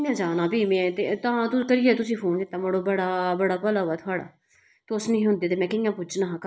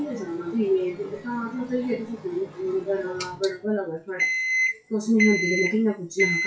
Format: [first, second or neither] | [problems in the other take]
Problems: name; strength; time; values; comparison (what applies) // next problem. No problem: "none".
first | noise reduction (classical method WPE with log-MMSE)